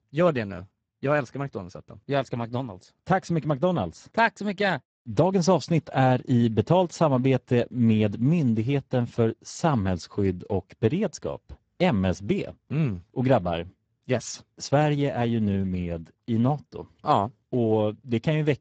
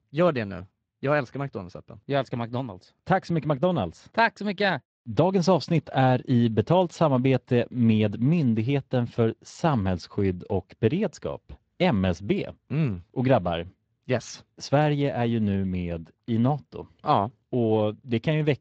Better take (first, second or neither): second